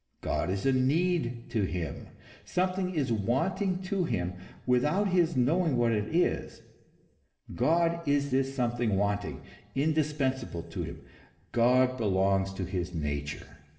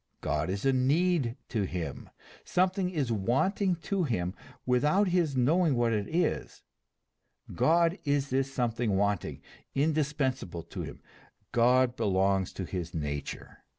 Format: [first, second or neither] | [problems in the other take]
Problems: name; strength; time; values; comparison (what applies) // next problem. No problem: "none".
second | room echo; dies away in 1.1 s